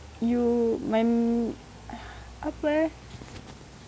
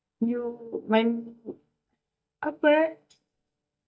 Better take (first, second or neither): first